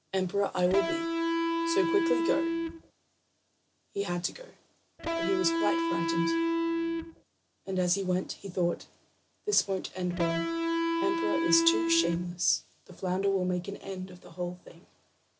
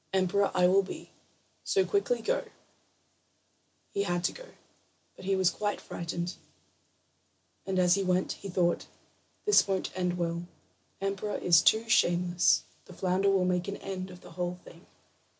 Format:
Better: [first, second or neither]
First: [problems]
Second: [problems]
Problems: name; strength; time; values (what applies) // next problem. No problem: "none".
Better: second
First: background sound (Electric guitar); 3 dB above the speech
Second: none